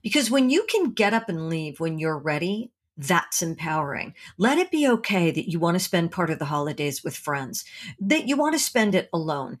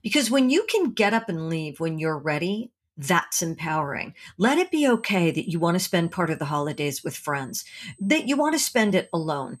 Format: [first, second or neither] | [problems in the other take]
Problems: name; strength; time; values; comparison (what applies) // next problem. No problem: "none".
first | high-pitched whine; faint; from 4.5 s on; 8.5 kHz, 30 dB below the speech